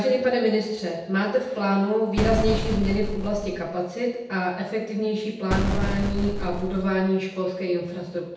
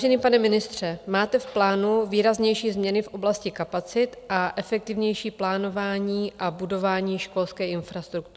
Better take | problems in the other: second | background sound (Boom); 2 dB below the speech // room echo; dies away in 0.8 s

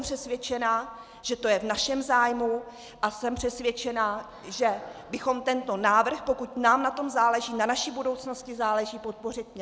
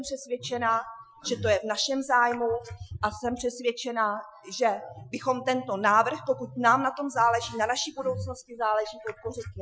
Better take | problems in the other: first | noise reduction (classical method Wiener filter)

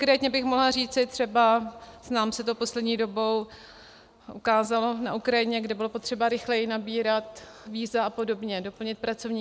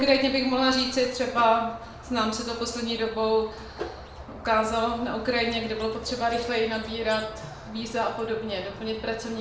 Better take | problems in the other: first | background sound (Squeak); 15 dB below the speech // room echo; dies away in 0.7 s

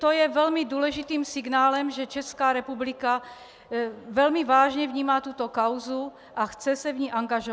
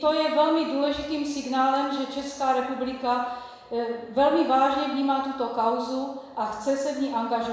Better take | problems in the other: first | room echo; dies away in 1 s

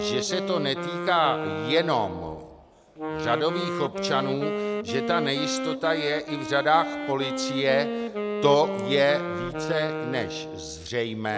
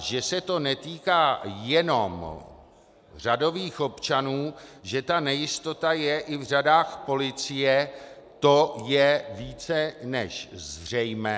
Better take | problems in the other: second | background sound (Wind instrument, woodwind instrument); 4 dB below the speech

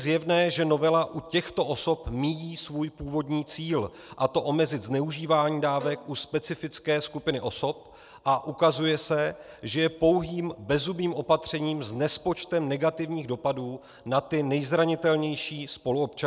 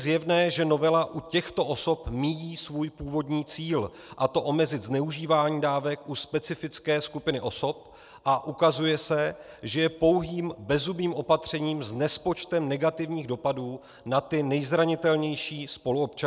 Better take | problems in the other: second | background sound (Bowed string instrument); 17 dB below the speech

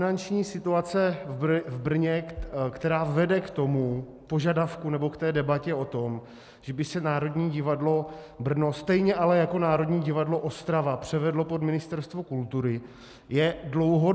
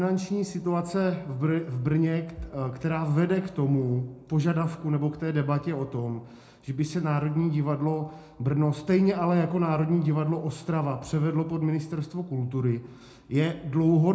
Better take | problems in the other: first | room echo; dies away in 0.3 s

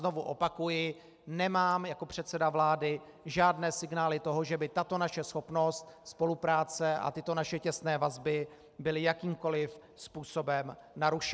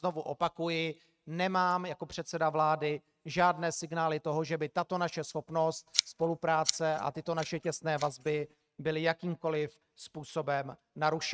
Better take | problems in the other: first | noise reduction (neural mask model RNNoise)

